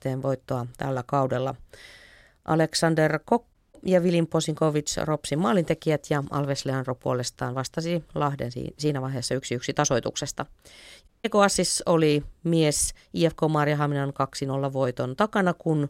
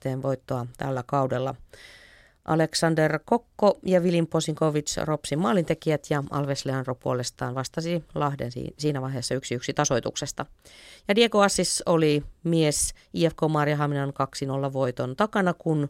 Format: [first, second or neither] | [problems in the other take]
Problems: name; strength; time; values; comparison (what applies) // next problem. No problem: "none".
second | audio cutting out; at 3.5 s and at 11 s